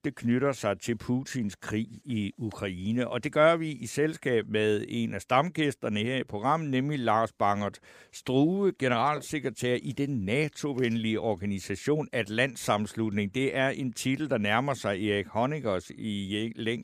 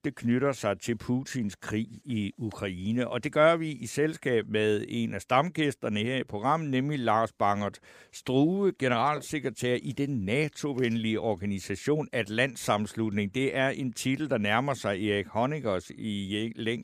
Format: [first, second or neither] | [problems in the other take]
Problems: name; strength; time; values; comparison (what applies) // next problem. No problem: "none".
neither | none